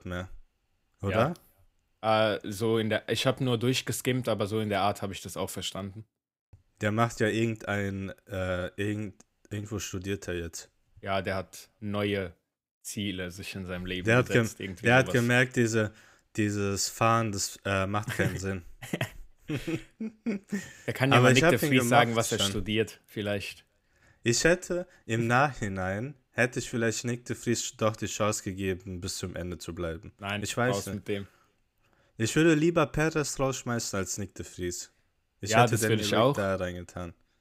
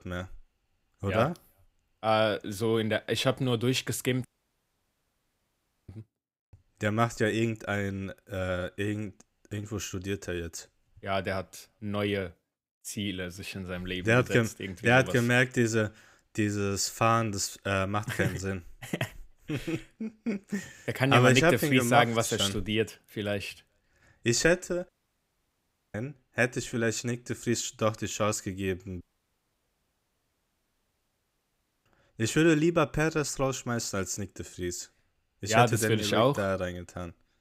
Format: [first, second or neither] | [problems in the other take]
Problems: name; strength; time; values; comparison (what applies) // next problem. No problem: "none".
first | audio cutting out; at 4.5 s for 1.5 s, at 25 s for 1 s and at 29 s for 3 s